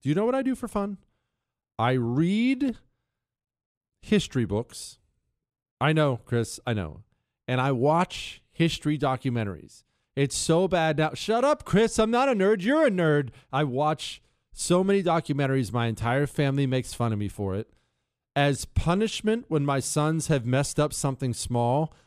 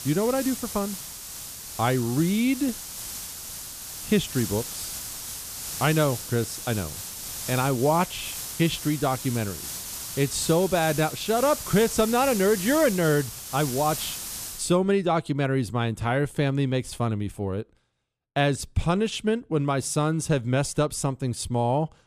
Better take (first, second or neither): first